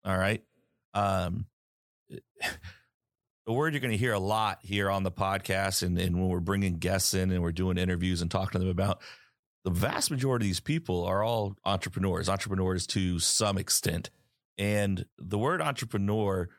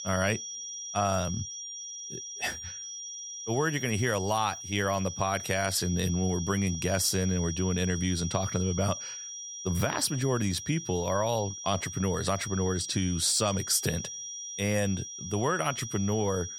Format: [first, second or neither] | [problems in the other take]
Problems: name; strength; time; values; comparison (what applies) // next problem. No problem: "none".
first | high-pitched whine; loud; throughout; 5.5 kHz, 8 dB below the speech